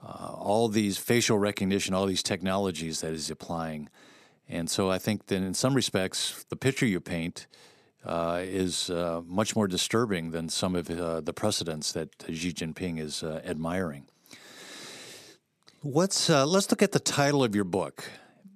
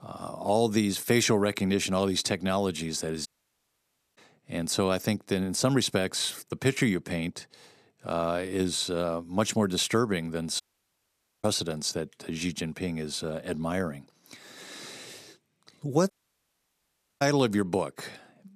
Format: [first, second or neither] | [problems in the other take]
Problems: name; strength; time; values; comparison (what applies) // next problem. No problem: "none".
first | audio cutting out; at 3.5 s for 1 s, at 11 s for 1 s and at 16 s for 1 s